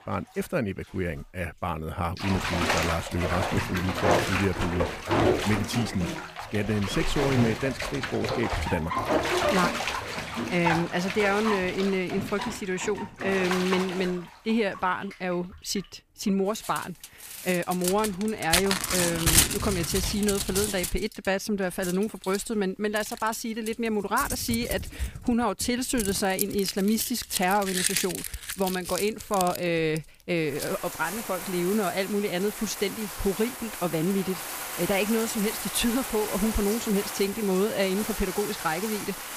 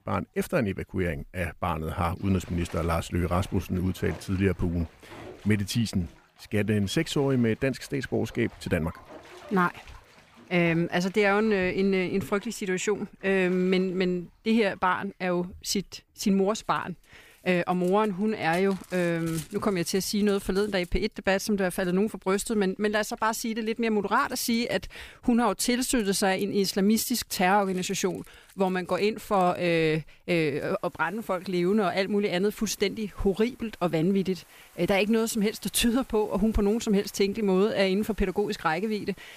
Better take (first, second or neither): second